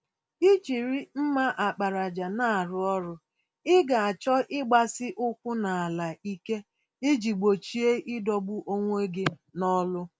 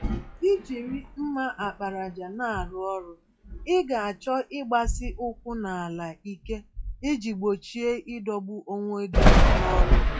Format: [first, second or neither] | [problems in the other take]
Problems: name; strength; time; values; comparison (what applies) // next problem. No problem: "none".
first | noise reduction (classical method log-MMSE)